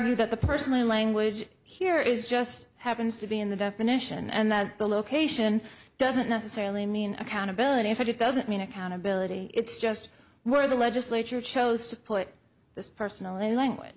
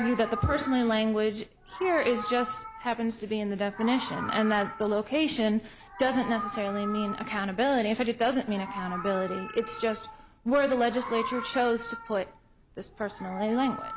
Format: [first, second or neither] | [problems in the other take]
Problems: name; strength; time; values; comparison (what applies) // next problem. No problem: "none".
first | background sound (Meow); 11 dB below the speech